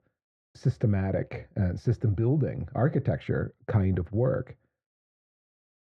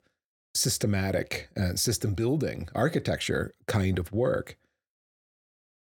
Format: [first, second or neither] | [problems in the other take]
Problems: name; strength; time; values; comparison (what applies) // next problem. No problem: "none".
second | muffled; very; fading above 1.5 kHz